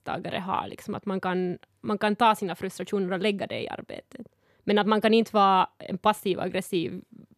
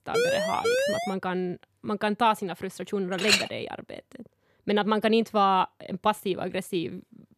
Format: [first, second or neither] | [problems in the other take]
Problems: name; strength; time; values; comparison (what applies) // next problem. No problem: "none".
first | siren; loud; at the start; peak 3 dB above the speech // clattering dishes; loud; at 3 s; peak 5 dB above the speech